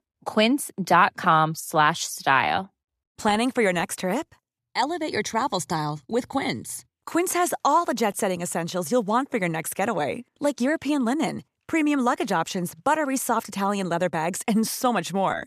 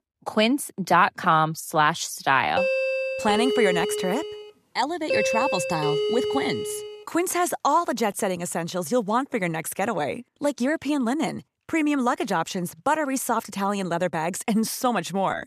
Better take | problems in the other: first | doorbell; loud; from 2.5 to 7 s; peak 1 dB above the speech

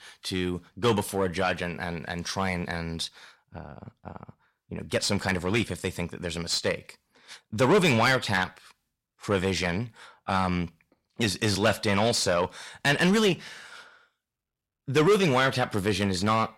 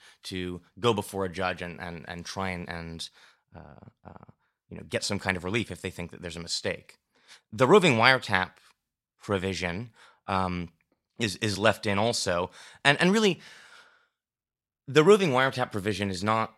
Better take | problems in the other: second | distortion; heavy; 6 dB below the speech

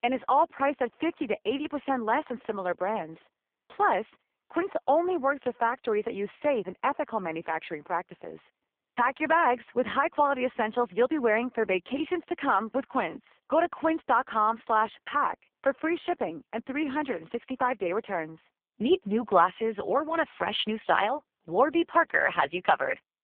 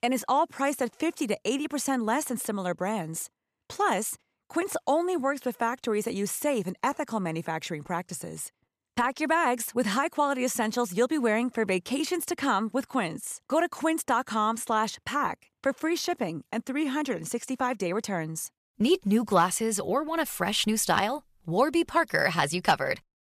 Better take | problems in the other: second | phone-call audio; poor line

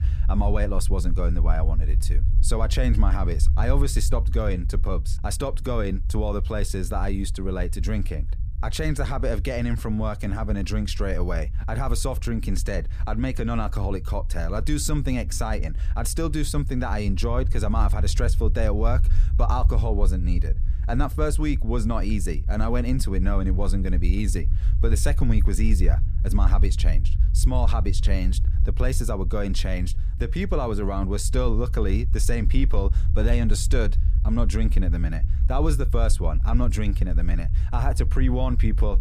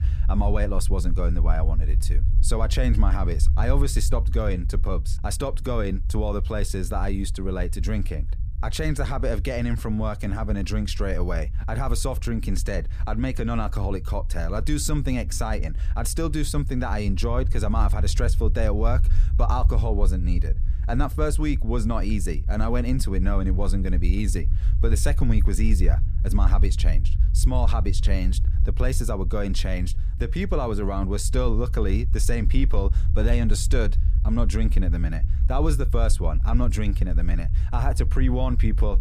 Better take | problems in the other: neither | low rumble; noticeable; throughout; 15 dB below the speech; the same in both

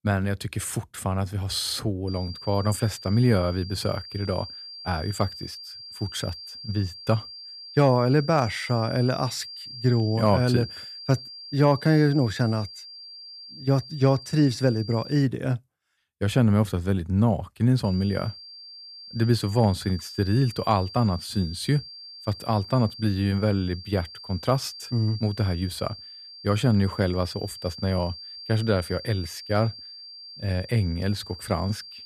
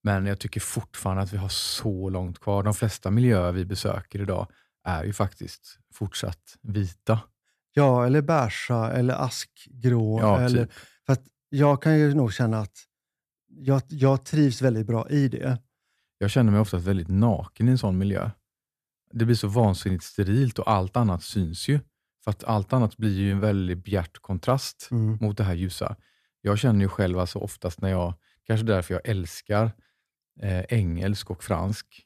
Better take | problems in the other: second | high-pitched whine; noticeable; from 2 to 15 s and from 18 s on; 4.5 kHz, 15 dB below the speech

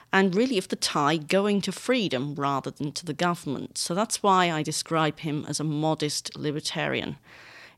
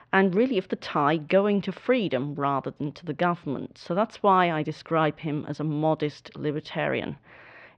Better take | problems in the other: first | muffled; very; fading above 2.5 kHz

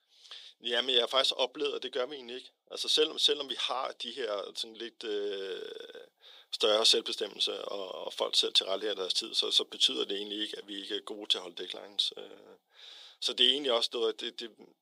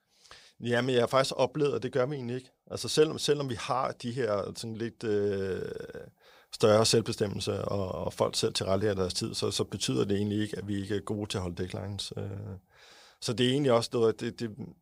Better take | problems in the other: second | thin; somewhat; fading below 300 Hz

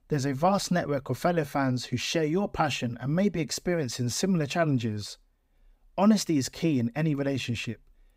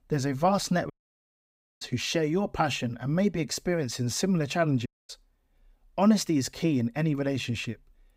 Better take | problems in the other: first | audio cutting out; at 1 s for 1 s and at 5 s

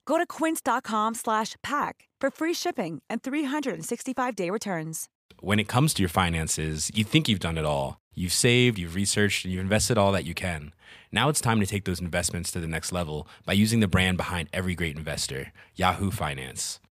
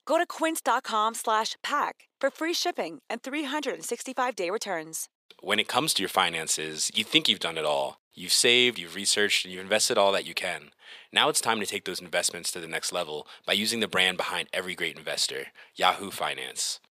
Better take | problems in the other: first | thin; somewhat; fading below 450 Hz

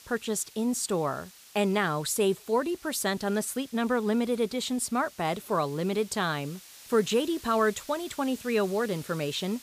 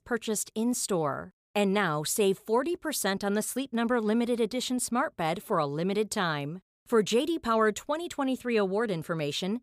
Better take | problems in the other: second | hiss; noticeable; throughout; 20 dB below the speech

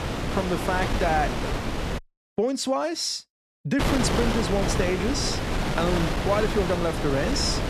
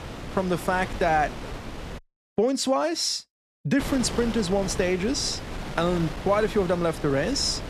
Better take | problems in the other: second | wind noise on the microphone; heavy; until 2 s and from 4 s on; 2 dB below the speech; occasional gusts in the second

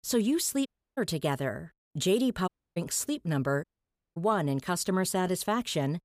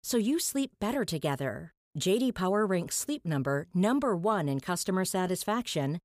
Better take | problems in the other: second | audio cutting out; at 0.5 s, at 2.5 s and at 3.5 s for 0.5 s

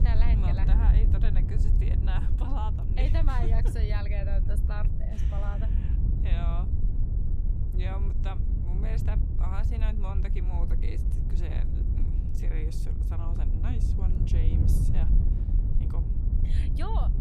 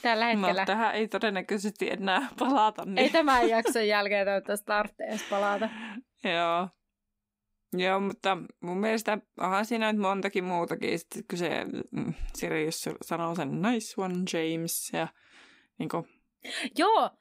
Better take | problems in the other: second | wind noise on the microphone; heavy; 3 dB below the speech

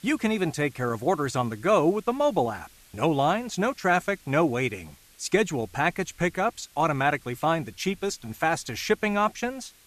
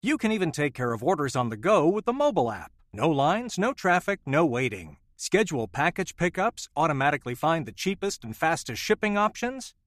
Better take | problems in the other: second | hiss; faint; throughout; 25 dB below the speech

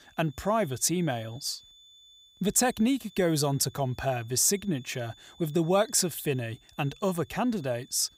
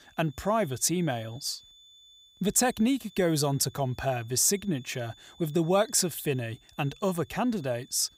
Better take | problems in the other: neither | high-pitched whine; faint; throughout; 3.5 kHz, 25 dB below the speech; the same in both

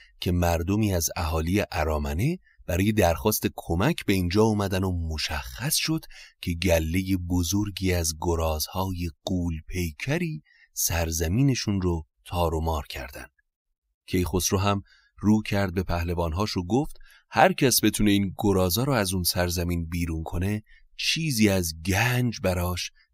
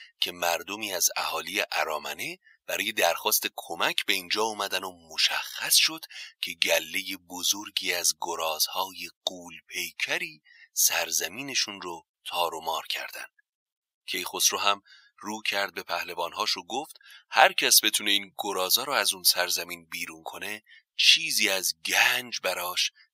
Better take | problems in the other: first | thin; very; fading below 800 Hz

